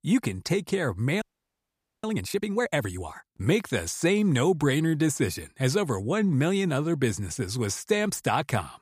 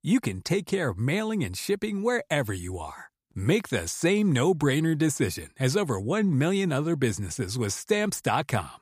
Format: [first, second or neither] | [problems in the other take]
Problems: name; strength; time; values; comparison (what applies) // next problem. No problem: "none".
second | audio freezing; at 1 s for 1 s